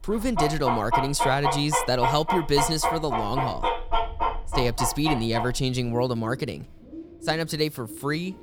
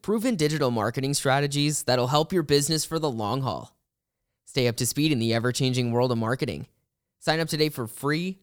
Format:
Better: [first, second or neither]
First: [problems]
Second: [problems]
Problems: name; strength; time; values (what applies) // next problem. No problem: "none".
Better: second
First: animal sounds; loud; throughout; 2 dB below the speech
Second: none